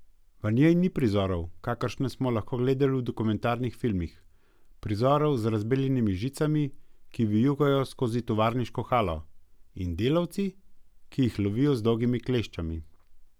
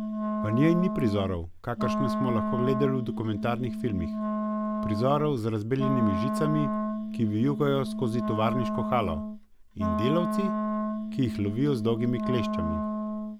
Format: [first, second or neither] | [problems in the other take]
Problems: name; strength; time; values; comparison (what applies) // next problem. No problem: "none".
first | background sound (Wind instrument, woodwind instrument); 2 dB below the speech